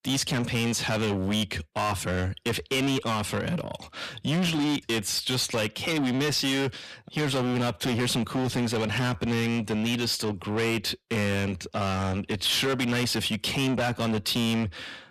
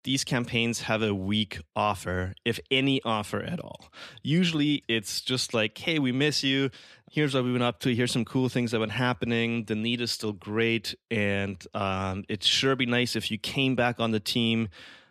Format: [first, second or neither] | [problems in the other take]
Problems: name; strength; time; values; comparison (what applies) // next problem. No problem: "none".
second | distortion; heavy; 7 dB below the speech